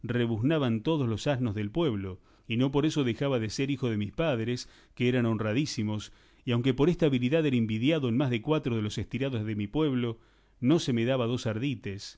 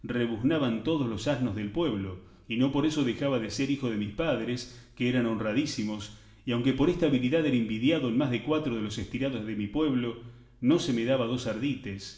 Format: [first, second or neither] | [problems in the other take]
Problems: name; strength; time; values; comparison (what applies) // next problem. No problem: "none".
first | room echo; dies away in 0.7 s